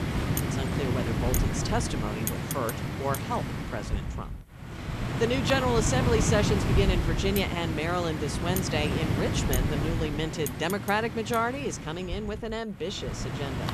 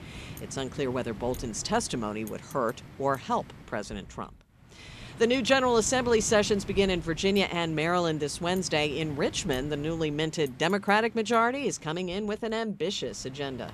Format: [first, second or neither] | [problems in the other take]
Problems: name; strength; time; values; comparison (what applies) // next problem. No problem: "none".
second | wind noise on the microphone; heavy; 4 dB below the speech; occasional gusts in the second